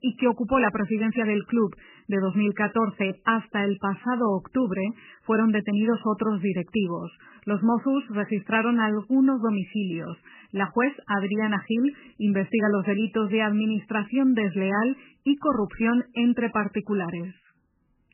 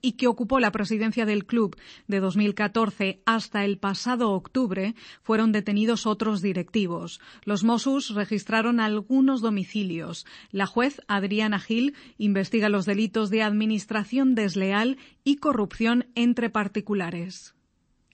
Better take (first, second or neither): second